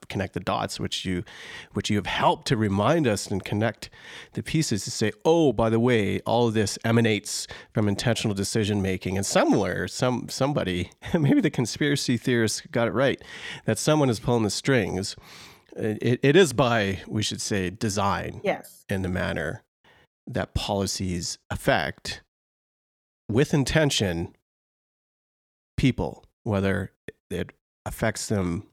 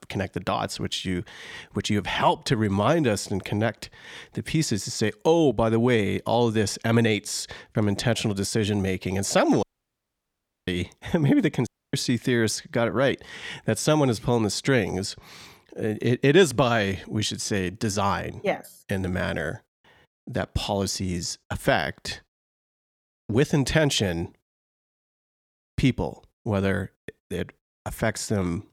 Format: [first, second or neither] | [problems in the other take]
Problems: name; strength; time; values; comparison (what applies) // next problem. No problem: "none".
first | audio cutting out; at 9.5 s for 1 s and at 12 s